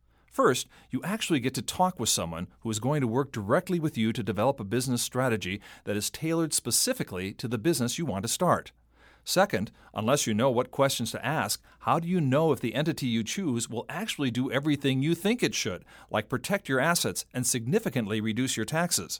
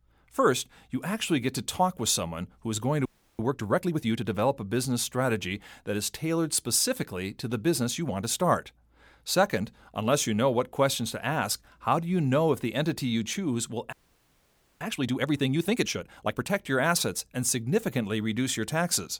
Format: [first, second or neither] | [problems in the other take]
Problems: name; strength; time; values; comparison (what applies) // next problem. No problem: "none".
first | audio freezing; at 3 s and at 14 s for 1 s